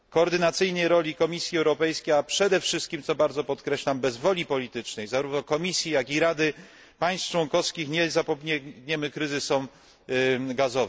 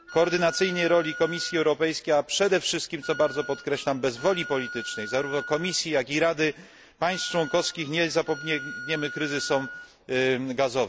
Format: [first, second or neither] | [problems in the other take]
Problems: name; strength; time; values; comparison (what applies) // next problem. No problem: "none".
first | background sound (Wind instrument, woodwind instrument); 13 dB below the speech